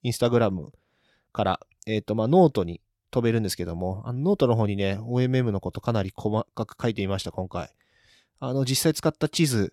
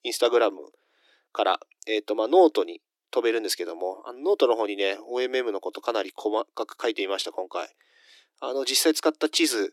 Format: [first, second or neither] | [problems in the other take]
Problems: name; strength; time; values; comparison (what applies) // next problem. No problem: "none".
first | thin; very; fading below 300 Hz